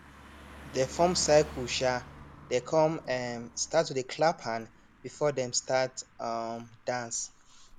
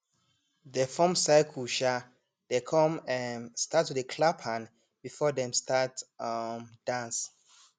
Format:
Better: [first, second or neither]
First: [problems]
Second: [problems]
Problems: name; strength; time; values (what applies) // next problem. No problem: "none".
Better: second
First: background sound (Car passing by); 18 dB below the speech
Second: none